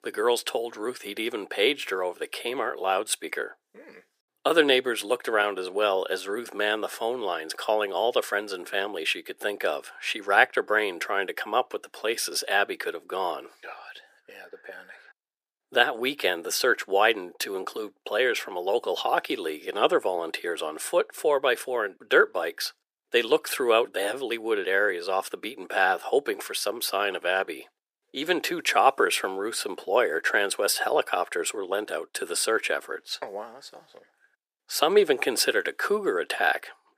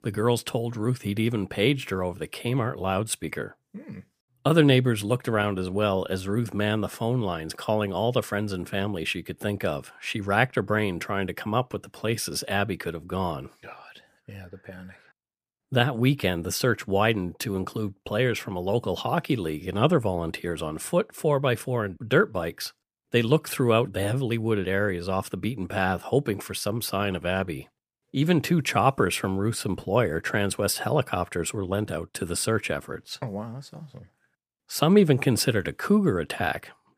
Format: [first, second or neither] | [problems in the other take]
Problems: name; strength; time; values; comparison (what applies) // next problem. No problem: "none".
second | thin; very; fading below 400 Hz